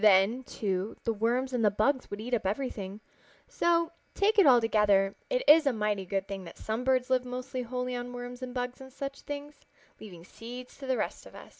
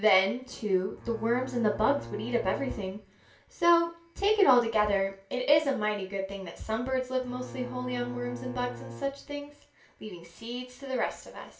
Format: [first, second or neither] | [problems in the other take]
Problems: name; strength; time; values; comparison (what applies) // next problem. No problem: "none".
first | background sound (Bowed string instrument); 14 dB below the speech // room echo; dies away in 0.3 s